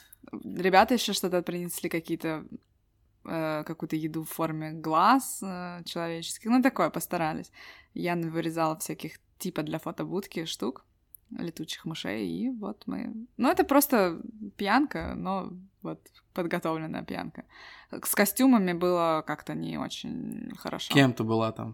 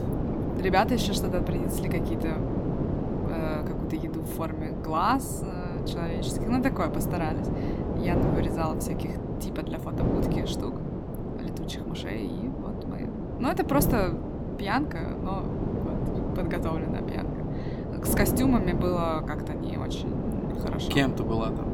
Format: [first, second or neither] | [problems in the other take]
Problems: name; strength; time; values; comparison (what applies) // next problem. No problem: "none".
first | wind noise on the microphone; heavy; 4 dB below the speech